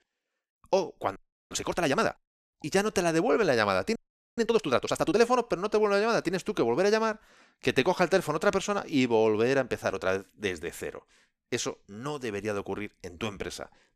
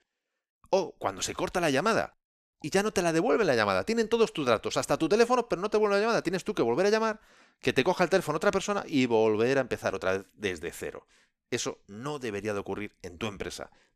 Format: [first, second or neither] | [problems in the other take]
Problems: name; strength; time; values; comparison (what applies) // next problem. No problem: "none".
second | audio freezing; at 1 s and at 4 s